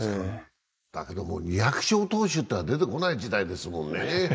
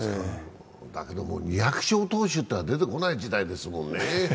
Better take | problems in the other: second | noise reduction (neural mask model Resemble Enhance denoiser)

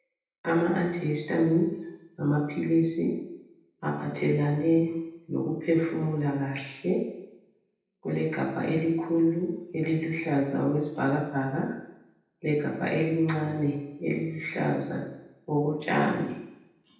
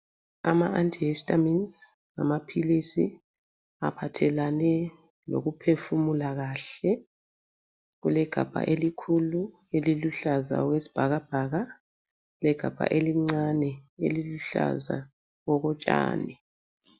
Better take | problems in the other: second | room echo; dies away in 0.9 s

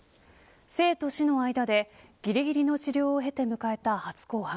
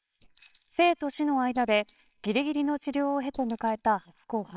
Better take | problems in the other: first | noise reduction (neural separator model SepFormer WHAMR!)

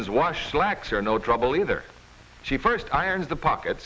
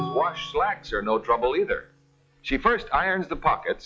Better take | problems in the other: first | noise reduction (classical method log-MMSE)

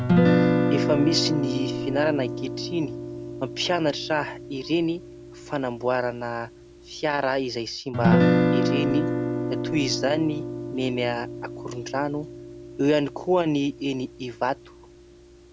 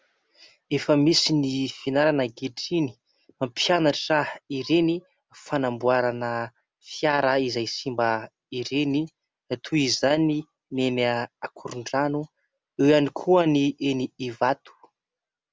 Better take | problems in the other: second | background sound (Guitar); 1 dB above the speech

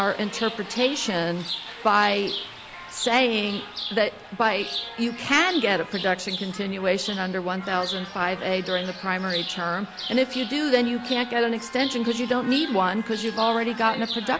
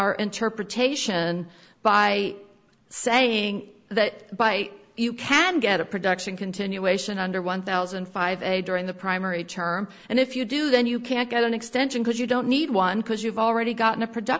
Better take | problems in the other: second | background sound (Chirp, tweet); 10 dB below the speech

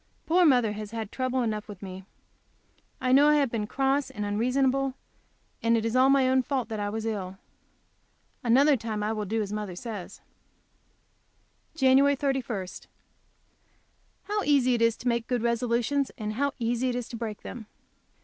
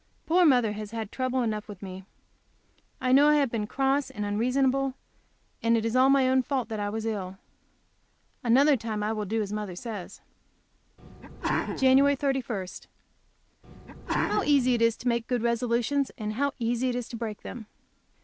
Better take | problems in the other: first | background sound (Sneeze); 5 dB below the speech

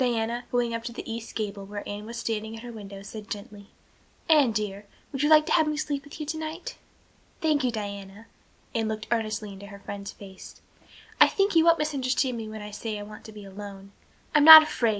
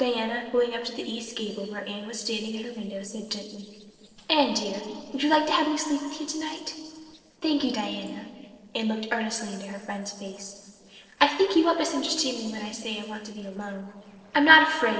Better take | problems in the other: first | noise reduction (neural separator model SepFormer DNS4)

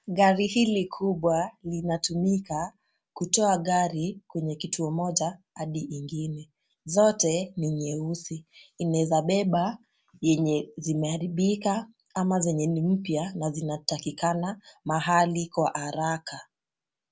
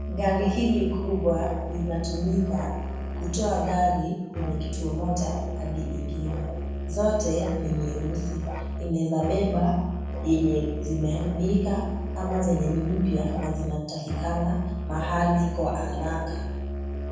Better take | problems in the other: first | background sound (Musical instrument); 4 dB below the speech // room echo; dies away in 1.1 s

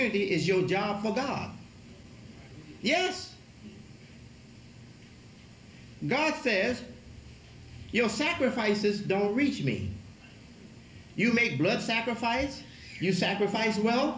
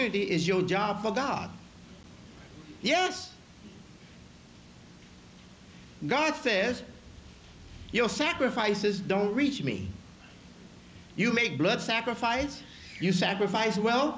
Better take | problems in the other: second | room echo; dies away in 0.4 s

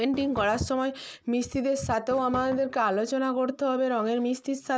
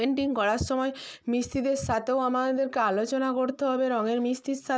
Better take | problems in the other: second | background sound (Fireworks); 17 dB below the speech

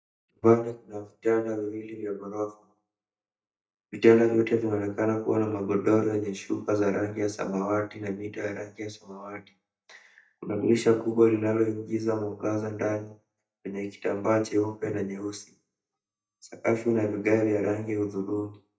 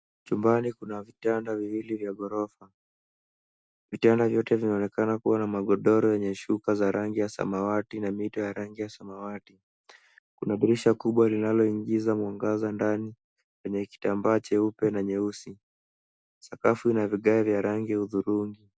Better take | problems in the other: second | noise reduction (neural mask model DeepFilterNet 3)

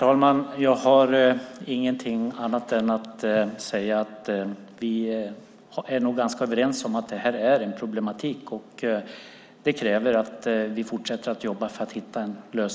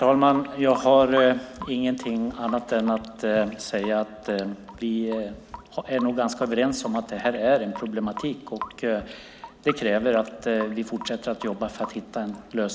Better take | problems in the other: first | background sound (Drip / Sink (filling or washing) / Water tap, faucet); 16 dB below the speech

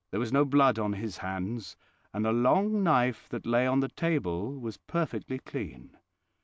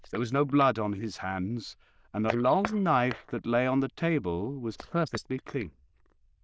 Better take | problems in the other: first | noise reduction (neural diffusion model UNIVERSE++)

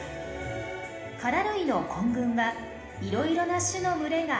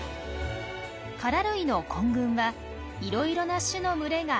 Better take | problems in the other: second | room echo; dies away in 1 s

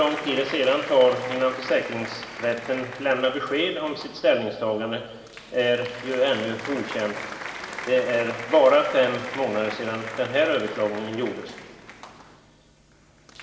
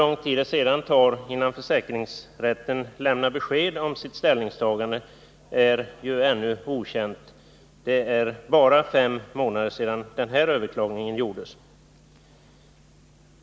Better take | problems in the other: second | background sound (Applause); 13 dB below the speech // room echo; dies away in 2.3 s

